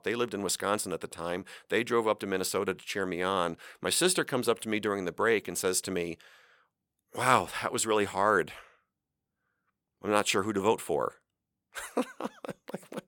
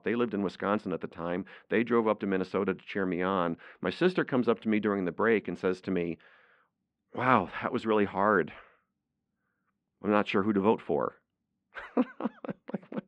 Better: first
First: none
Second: muffled; very; fading above 2.5 kHz

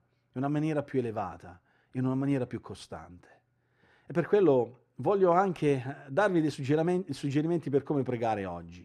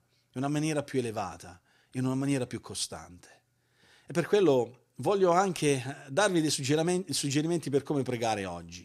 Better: second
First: muffled; very; fading above 3 kHz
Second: none

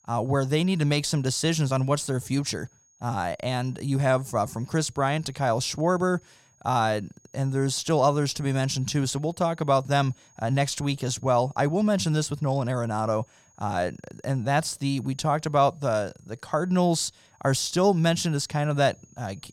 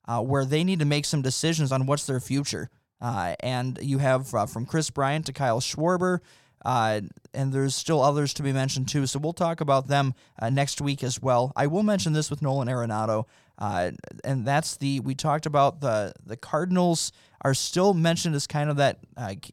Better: second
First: high-pitched whine; faint; throughout; 6.5 kHz, 35 dB below the speech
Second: none

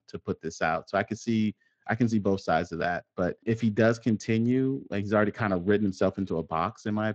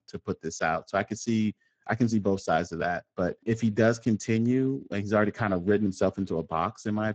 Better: first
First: garbled, watery; slightly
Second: garbled, watery; badly

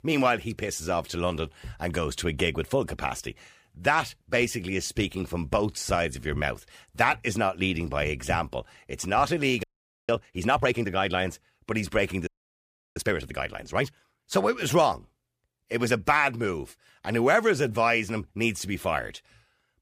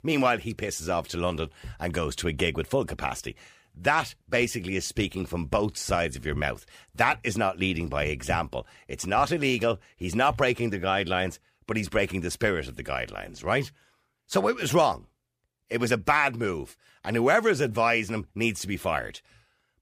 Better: second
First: audio freezing; at 9.5 s and at 12 s for 0.5 s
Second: none

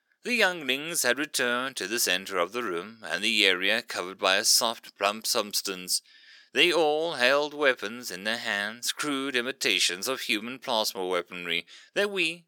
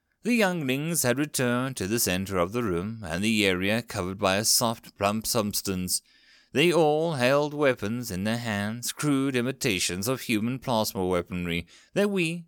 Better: second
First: thin; somewhat; fading below 400 Hz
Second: none

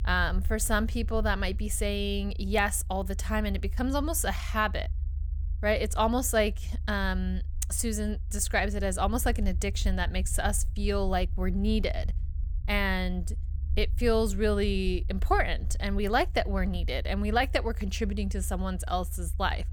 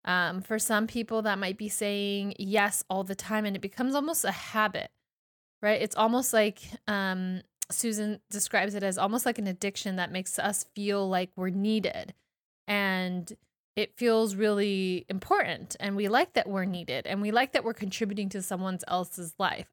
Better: second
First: low rumble; faint; throughout; 25 dB below the speech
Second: none

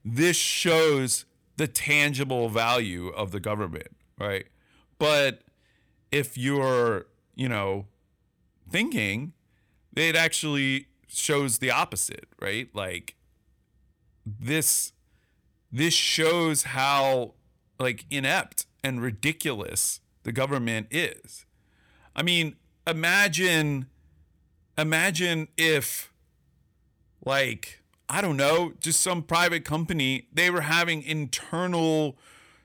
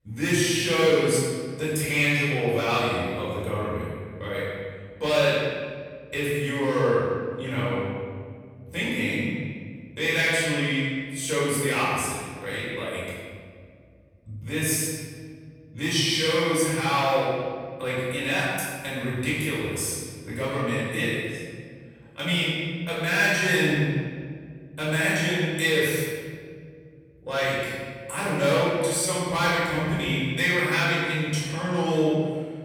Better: first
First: none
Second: room echo; strong; dies away in 1.8 s // off-mic speech; far

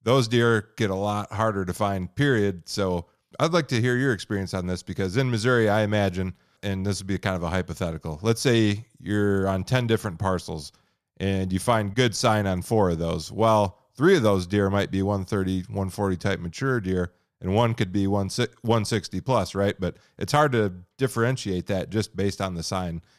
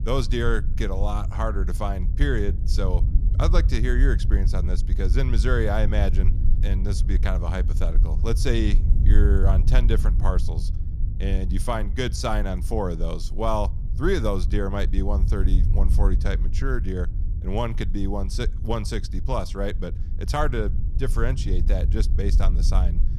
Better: first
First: none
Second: low rumble; noticeable; throughout; 15 dB below the speech

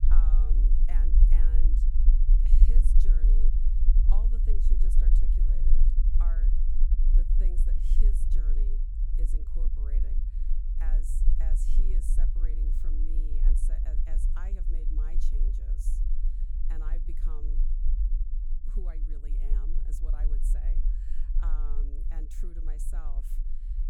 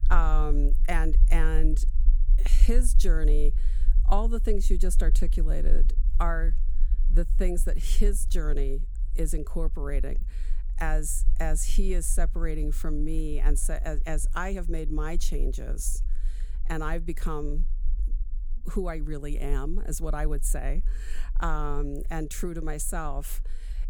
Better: second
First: low rumble; loud; throughout; as loud as the speech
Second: low rumble; faint; throughout; 20 dB below the speech

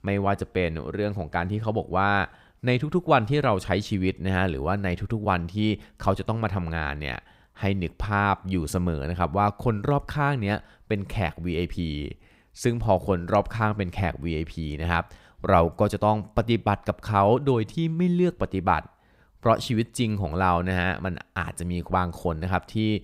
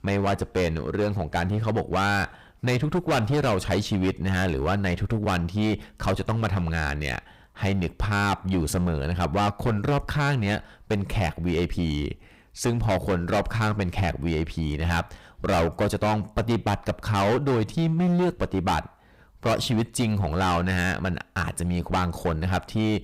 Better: first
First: none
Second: distortion; heavy; 15% of the sound clipped

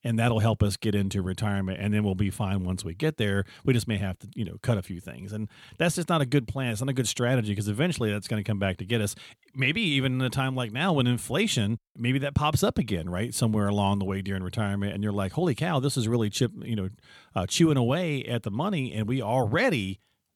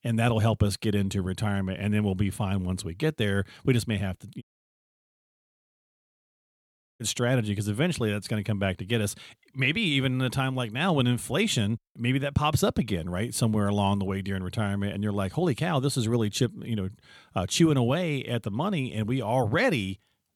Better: first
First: none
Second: audio cutting out; at 4.5 s for 2.5 s

